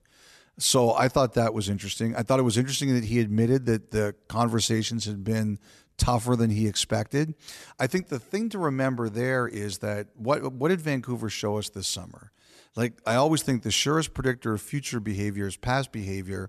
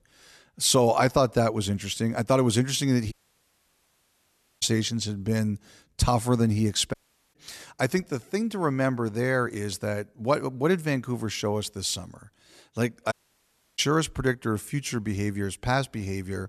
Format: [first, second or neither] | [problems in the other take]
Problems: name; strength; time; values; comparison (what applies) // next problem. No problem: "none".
first | audio cutting out; at 3 s for 1.5 s, at 7 s and at 13 s for 0.5 s